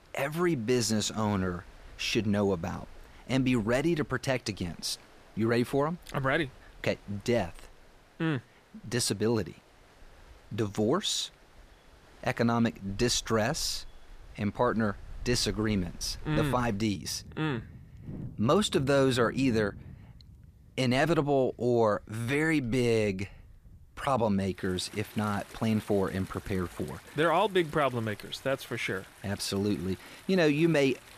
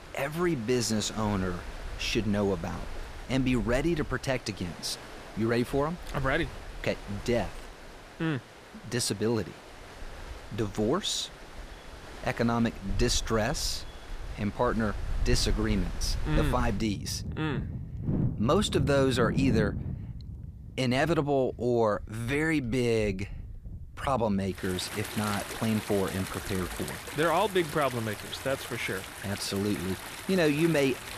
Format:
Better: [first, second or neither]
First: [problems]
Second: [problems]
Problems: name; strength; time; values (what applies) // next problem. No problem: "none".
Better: first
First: rain or running water; faint; throughout; 20 dB below the speech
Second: rain or running water; loud; throughout; 9 dB below the speech